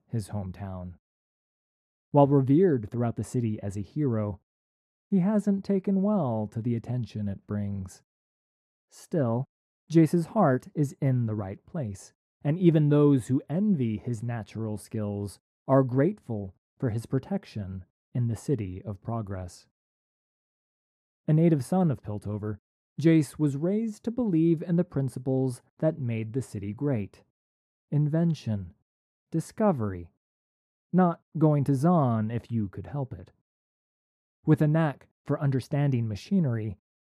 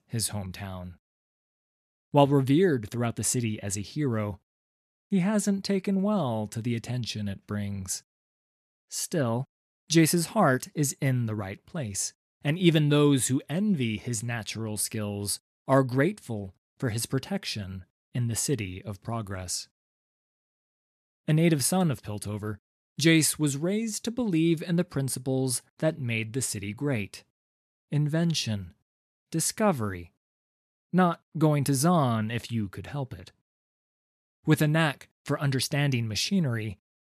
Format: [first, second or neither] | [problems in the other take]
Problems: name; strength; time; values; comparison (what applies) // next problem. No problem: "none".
second | muffled; very; fading above 1.5 kHz